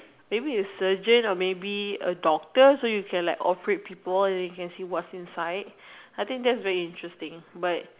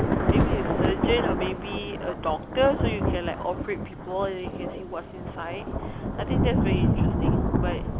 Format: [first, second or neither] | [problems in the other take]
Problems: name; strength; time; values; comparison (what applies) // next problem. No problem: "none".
first | background sound (Thunder / Rain); 5 dB above the speech